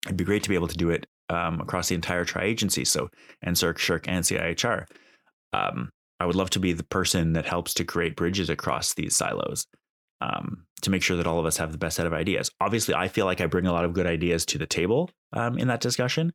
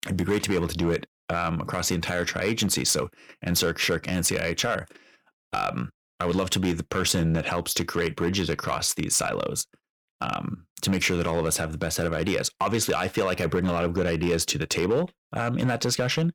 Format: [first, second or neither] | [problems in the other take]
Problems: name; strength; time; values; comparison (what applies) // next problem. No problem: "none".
first | distortion; slight; 4% of the sound clipped